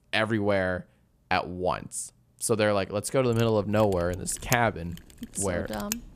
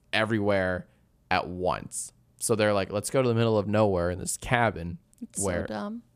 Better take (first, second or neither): second